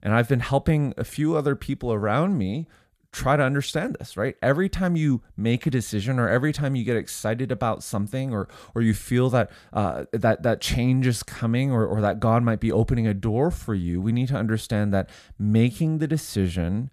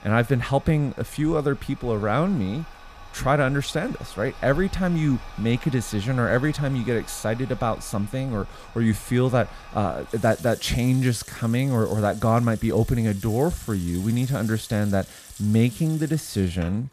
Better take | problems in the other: first | household noises; noticeable; throughout; 20 dB below the speech

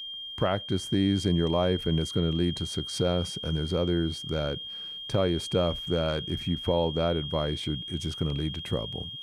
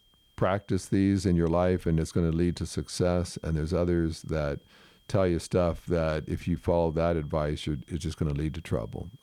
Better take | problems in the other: second | high-pitched whine; loud; throughout; 3 kHz, 7 dB below the speech; faint in the second

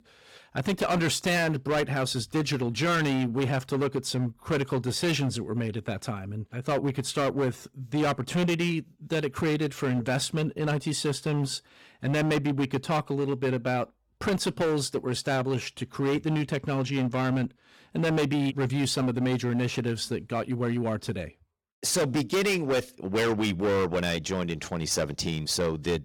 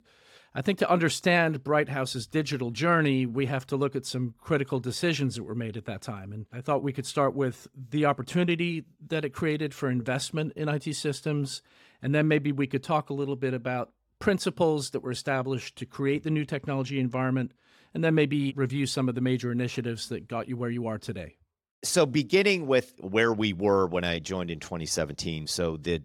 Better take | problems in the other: second | distortion; heavy; 14% of the sound clipped

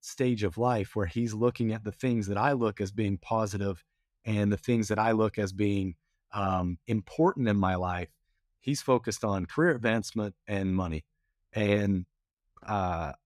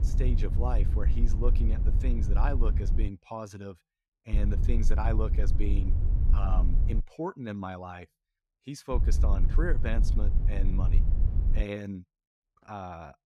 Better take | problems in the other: first | wind noise on the microphone; heavy; until 3 s, from 4.5 to 7 s and from 9 to 12 s; 8 dB below the speech

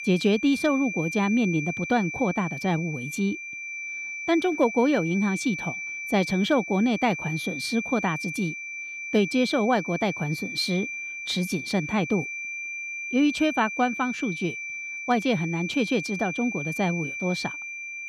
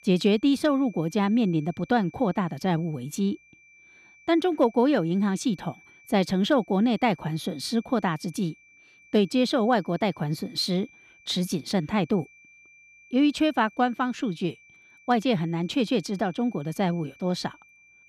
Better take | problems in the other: second | high-pitched whine; loud; throughout; 2.5 kHz, 6 dB below the speech; faint in the second

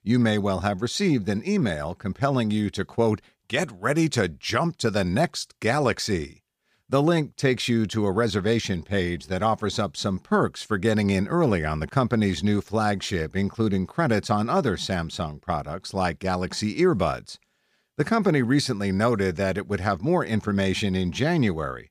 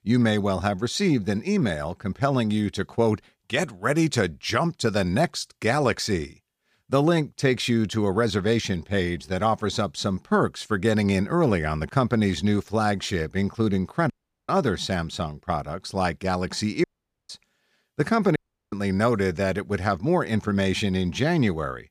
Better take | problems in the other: first | audio cutting out; at 14 s, at 17 s and at 18 s

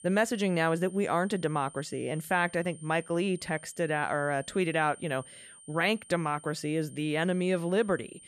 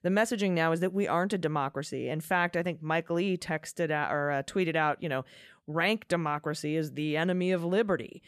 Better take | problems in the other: second | high-pitched whine; noticeable; throughout; 9 kHz, 20 dB below the speech

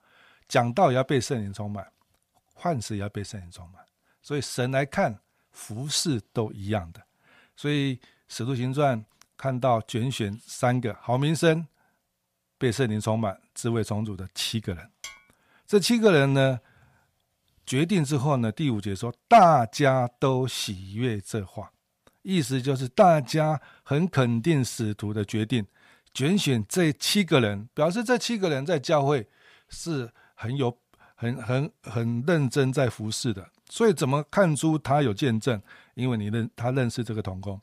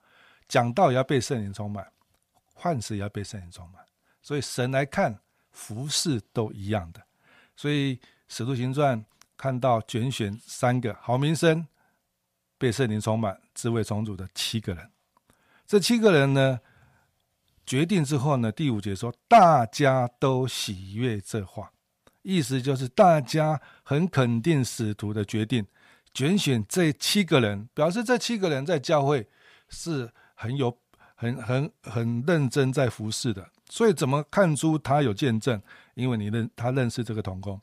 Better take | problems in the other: second | clattering dishes; faint; at 15 s; peak 15 dB below the speech

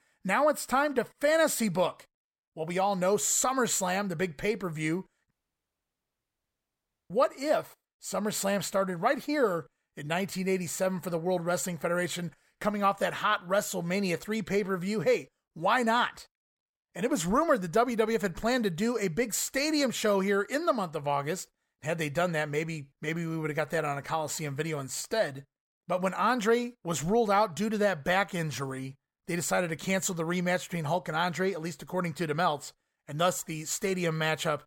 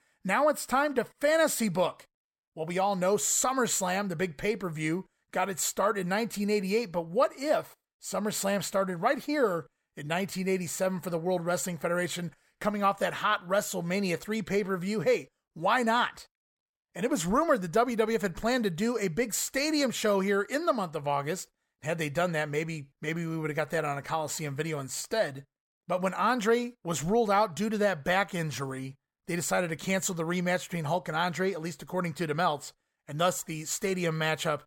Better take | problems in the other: second | audio cutting out; at 5.5 s for 2 s

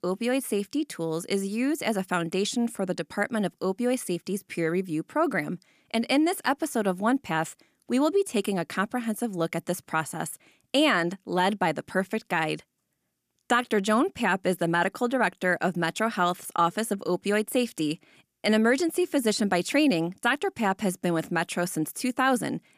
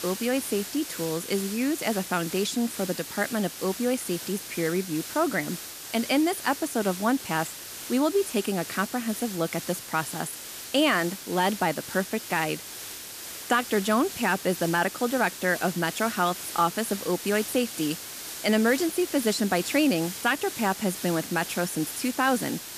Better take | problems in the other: first | hiss; loud; throughout; 9 dB below the speech

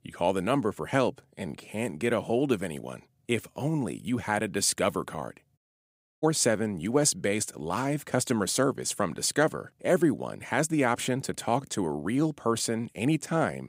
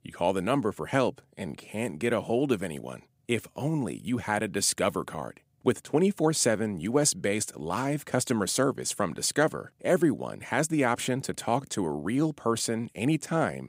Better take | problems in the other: second | audio cutting out; at 5.5 s for 0.5 s

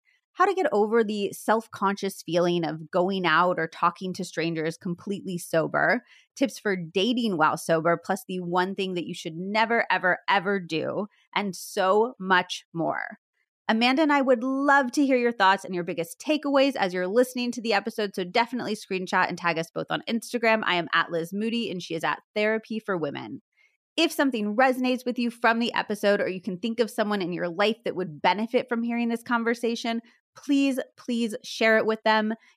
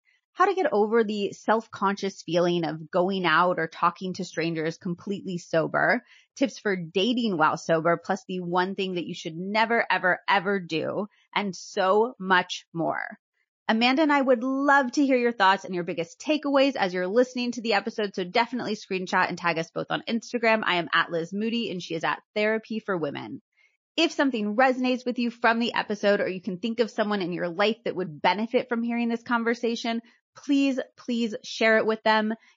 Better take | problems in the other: first | garbled, watery; slightly; nothing above 6 kHz

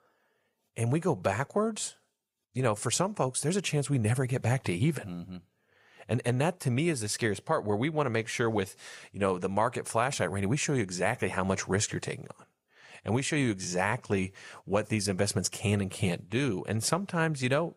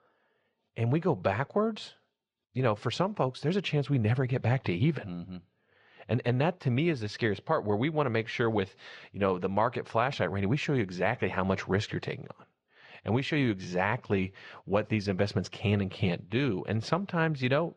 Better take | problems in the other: first | muffled; slightly; fading above 4 kHz

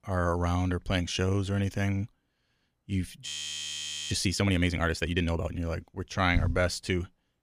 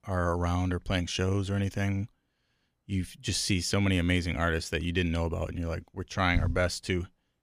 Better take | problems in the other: second | audio freezing; at 3.5 s for 1 s

